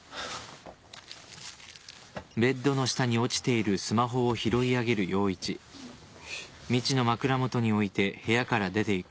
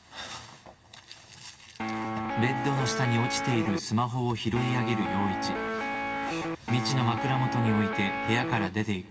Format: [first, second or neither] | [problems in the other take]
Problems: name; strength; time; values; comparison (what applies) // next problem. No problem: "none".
first | background sound (Guitar); 1 dB below the speech // room echo; dies away in 2.4 s